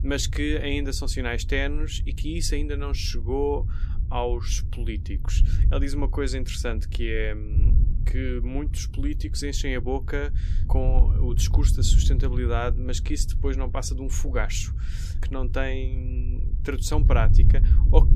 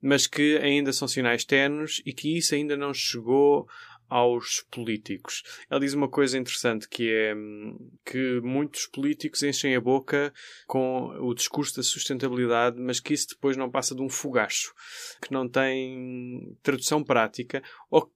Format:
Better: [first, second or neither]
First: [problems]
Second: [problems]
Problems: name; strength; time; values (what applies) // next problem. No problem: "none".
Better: second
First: wind noise on the microphone; occasional gusts; 15 dB below the speech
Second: none